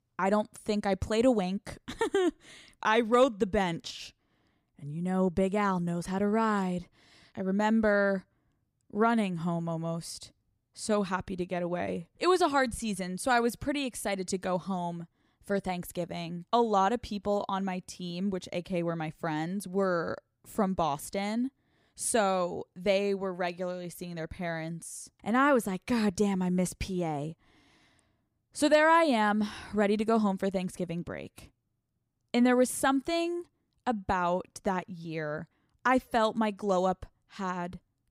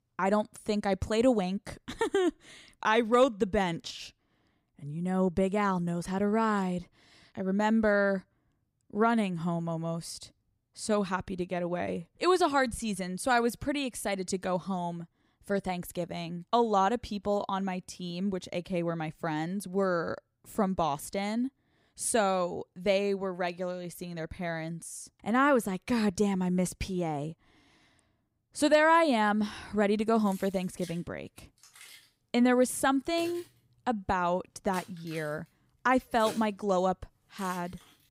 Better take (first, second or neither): first